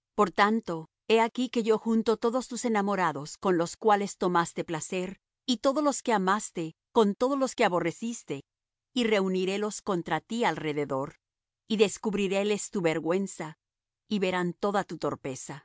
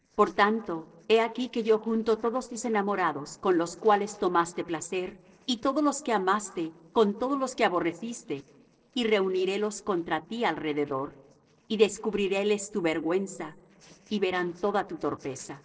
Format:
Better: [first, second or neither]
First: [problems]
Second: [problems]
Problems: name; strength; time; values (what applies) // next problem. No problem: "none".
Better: first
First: none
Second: noise reduction (neural separator model SepFormer DNS4)